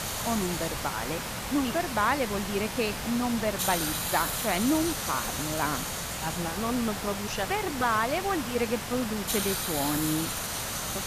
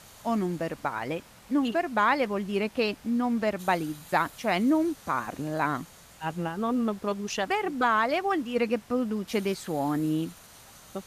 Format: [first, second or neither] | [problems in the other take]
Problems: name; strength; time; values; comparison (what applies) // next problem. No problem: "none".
second | hiss; loud; throughout; 1 dB below the speech; faint in the second